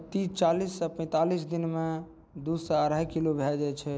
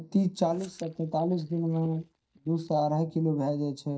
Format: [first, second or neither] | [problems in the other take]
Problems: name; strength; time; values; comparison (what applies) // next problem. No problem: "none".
first | noise reduction (neural mask model DeepFilterNet 3)